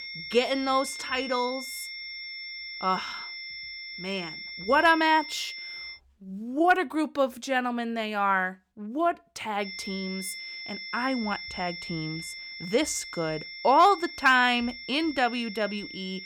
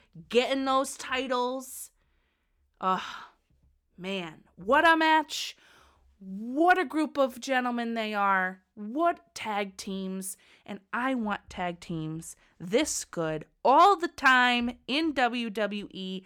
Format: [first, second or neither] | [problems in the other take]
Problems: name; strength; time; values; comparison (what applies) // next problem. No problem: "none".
second | high-pitched whine; noticeable; until 6 s and from 9.5 s on; 2 kHz, 10 dB below the speech